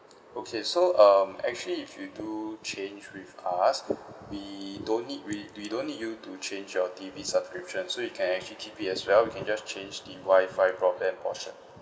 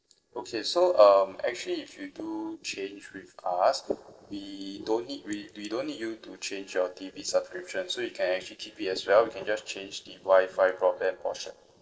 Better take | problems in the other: first | noise reduction (neural separator model SepFormer DNS4)

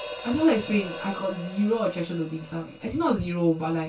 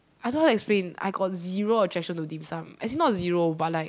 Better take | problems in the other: second | background sound (Hi-hat); 14 dB below the speech // room echo; dies away in 0.2 s

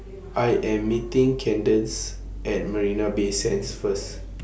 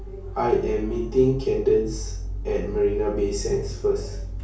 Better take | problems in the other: first | room echo; dies away in 0.4 s

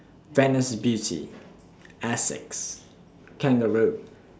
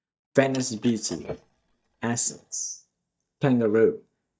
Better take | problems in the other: first | noise reduction (neural mask model DeepFilterNet 3)

